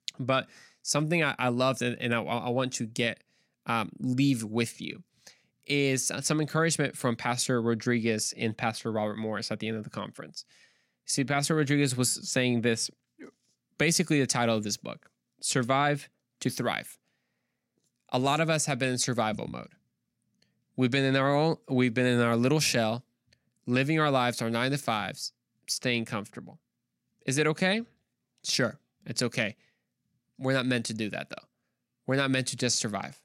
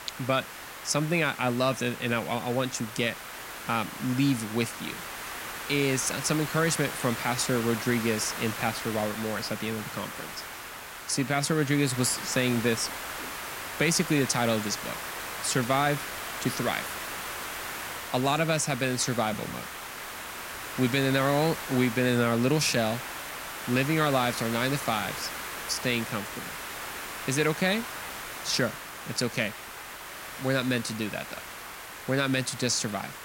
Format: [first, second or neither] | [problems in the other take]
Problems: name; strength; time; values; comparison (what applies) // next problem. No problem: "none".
first | hiss; loud; throughout; 8 dB below the speech